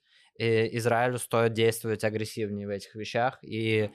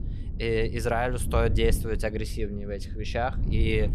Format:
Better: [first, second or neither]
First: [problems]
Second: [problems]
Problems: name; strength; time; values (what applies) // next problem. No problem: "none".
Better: first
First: none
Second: wind noise on the microphone; occasional gusts; 15 dB below the speech